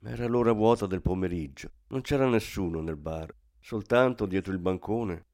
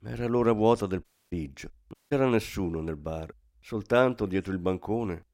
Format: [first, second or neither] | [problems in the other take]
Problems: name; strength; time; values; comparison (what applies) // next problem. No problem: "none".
first | audio cutting out; at 1 s and at 2 s